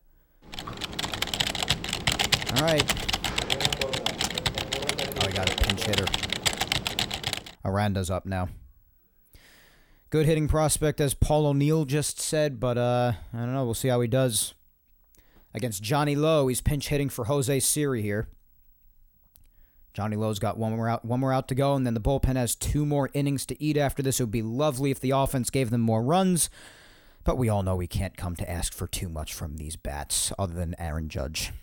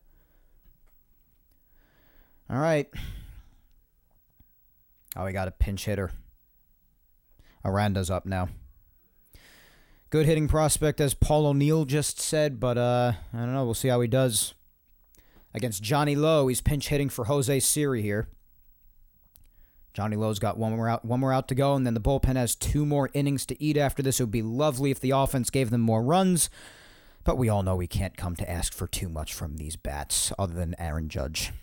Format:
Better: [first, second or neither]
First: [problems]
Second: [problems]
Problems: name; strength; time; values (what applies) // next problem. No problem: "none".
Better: second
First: keyboard typing; loud; from 0.5 to 7.5 s; peak 4 dB above the speech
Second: none